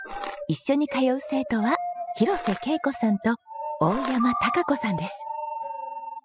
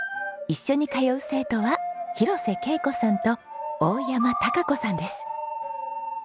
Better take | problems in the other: second | noise reduction (classical method spectral subtraction)

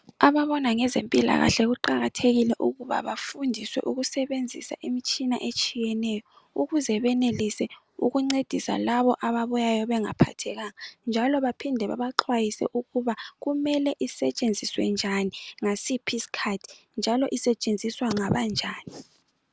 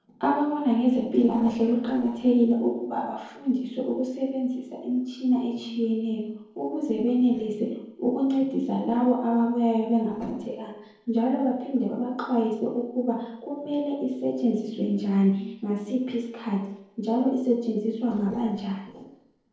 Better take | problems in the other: first | noise reduction (neural separator model SepFormer DNS4)

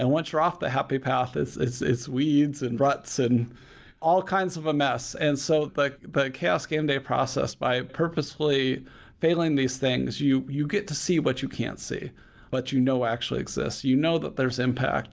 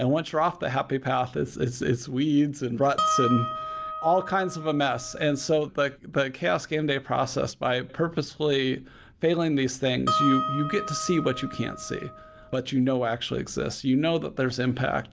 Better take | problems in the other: first | background sound (Harp); 4 dB below the speech

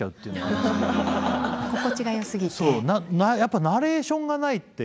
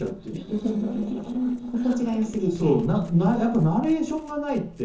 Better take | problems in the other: first | noise reduction (neural separator model SepFormer DNS4)

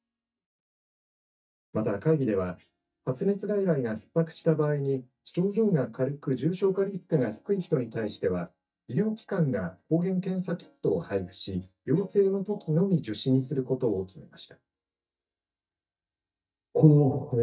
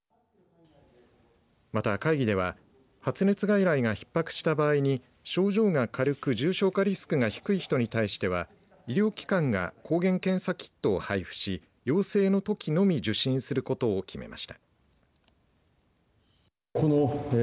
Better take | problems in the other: second | noise reduction (neural mask model DeepFilterNet 3)

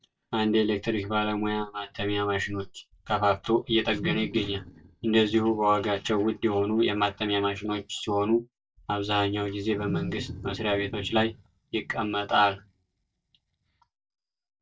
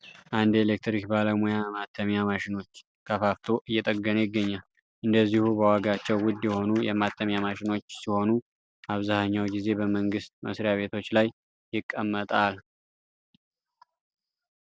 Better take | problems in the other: second | noise reduction (neural mask model DeepFilterNet 3)

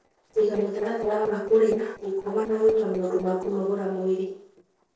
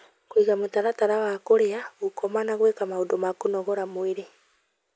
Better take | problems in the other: second | noise reduction (neural separator model SepFormer DNS4)

